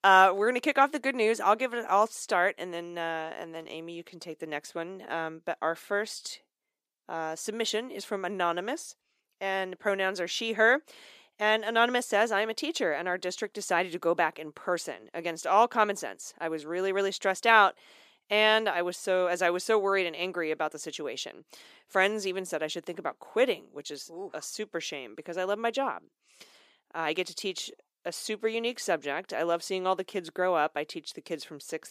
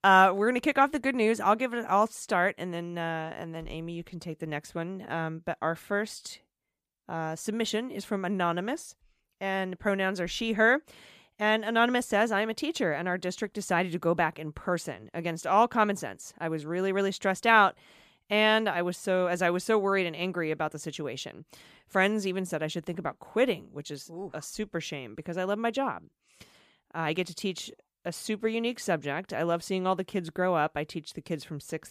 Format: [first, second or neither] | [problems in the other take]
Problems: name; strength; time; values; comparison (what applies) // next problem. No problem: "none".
second | thin; somewhat; fading below 400 Hz